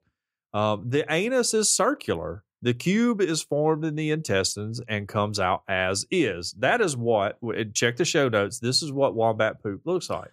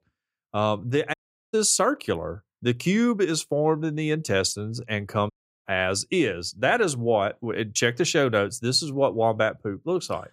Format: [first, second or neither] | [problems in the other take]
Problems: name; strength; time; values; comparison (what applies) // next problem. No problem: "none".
first | audio cutting out; at 1 s and at 5.5 s